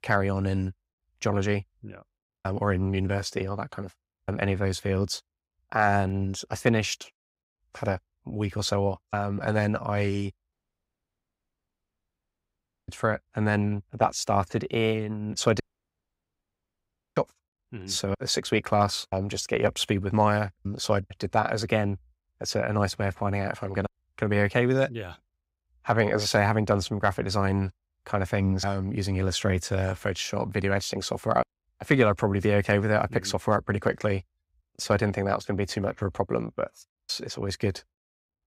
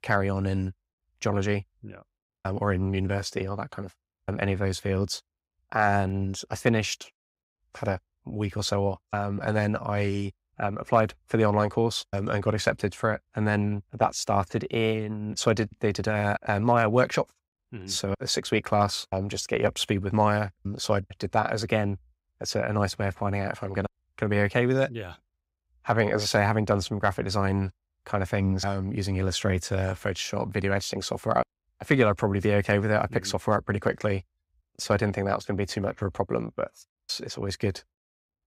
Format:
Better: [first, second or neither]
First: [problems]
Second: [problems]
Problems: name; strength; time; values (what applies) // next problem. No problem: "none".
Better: second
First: audio cutting out; at 11 s for 2.5 s and at 16 s for 1.5 s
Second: none